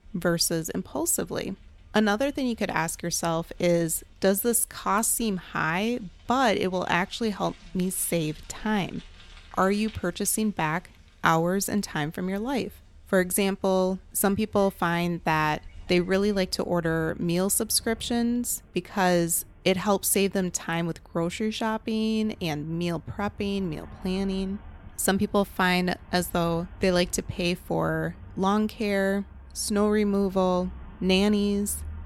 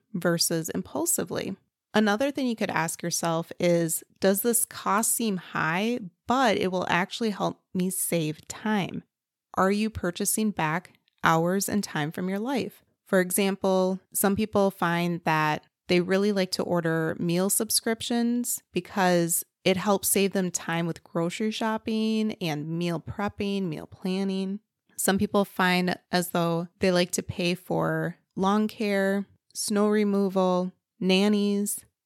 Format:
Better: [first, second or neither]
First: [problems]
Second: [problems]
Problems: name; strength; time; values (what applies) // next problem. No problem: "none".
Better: second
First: traffic noise; faint; throughout; 25 dB below the speech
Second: none